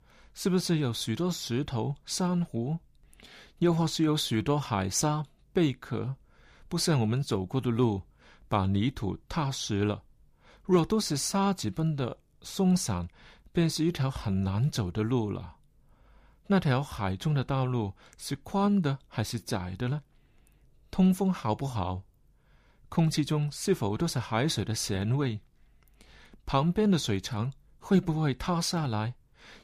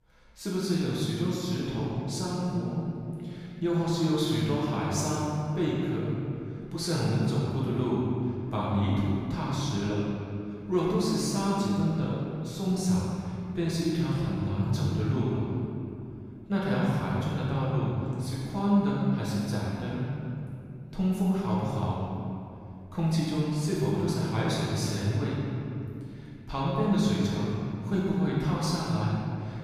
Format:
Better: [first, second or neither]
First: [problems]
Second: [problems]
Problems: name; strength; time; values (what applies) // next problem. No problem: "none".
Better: first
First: none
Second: room echo; strong; dies away in 2.5 s // off-mic speech; far